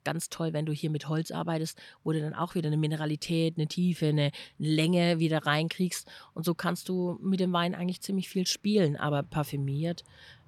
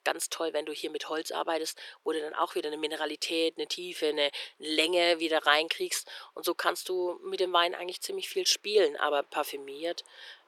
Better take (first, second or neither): first